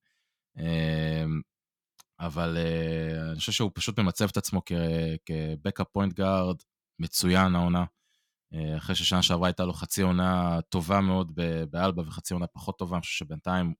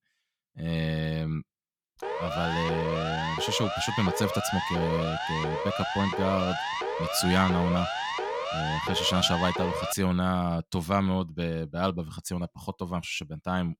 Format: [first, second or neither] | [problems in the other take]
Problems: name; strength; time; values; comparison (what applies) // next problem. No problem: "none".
first | siren; noticeable; from 2 to 10 s; peak 1 dB below the speech